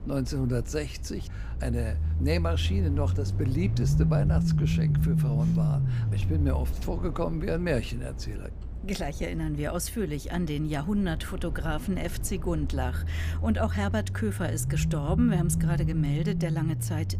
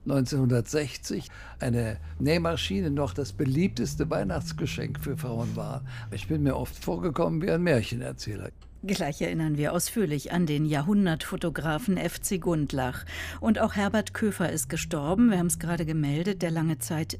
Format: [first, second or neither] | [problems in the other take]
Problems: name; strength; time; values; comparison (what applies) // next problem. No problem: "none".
second | low rumble; loud; throughout; 6 dB below the speech; faint in the second